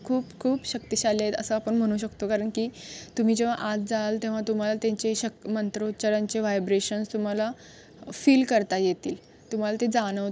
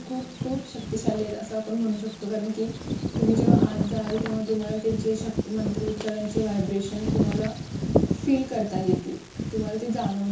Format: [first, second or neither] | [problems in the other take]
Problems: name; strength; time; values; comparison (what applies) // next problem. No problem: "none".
first | background sound (Bird vocalization, bird call, bird song); as loud as the speech // room echo; dies away in 0.7 s